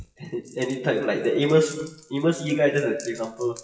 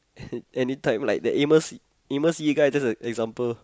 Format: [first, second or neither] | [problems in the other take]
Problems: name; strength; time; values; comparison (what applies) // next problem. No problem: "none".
second | noise reduction (classical method WPE with log-MMSE)